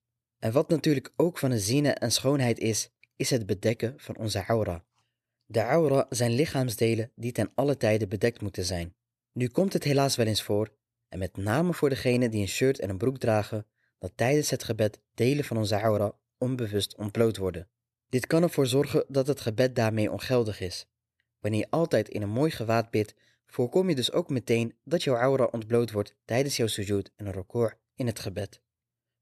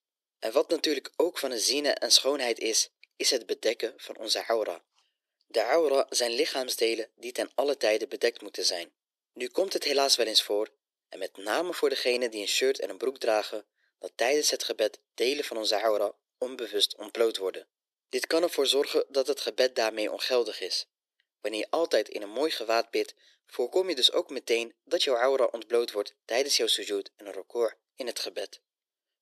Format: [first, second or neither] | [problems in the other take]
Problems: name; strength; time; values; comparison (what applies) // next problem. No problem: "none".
first | thin; very; fading below 350 Hz